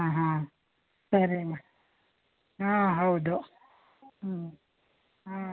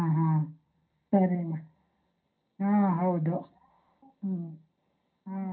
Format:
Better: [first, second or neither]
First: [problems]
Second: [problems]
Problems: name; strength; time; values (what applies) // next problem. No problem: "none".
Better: first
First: none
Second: room echo; dies away in 0.3 s